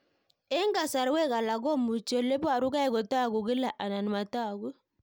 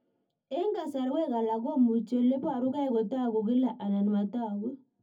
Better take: first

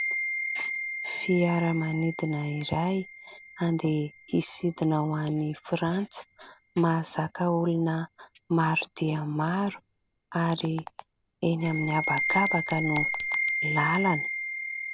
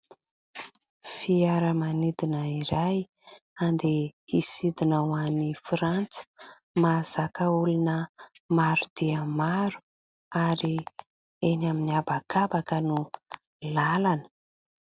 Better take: second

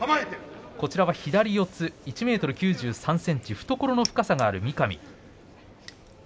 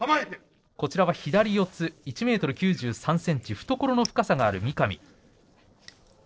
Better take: first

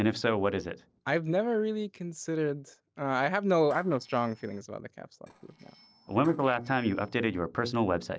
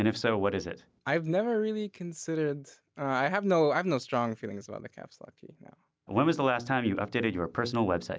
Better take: second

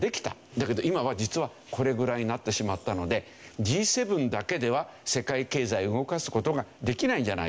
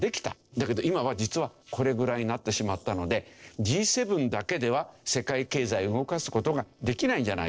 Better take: first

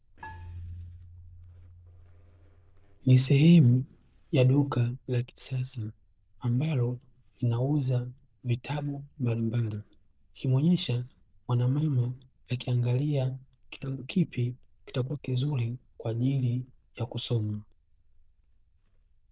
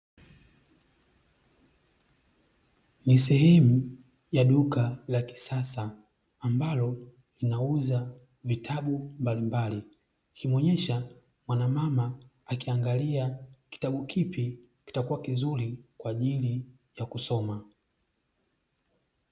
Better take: second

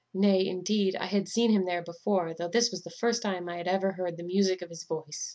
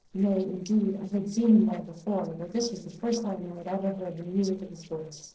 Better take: first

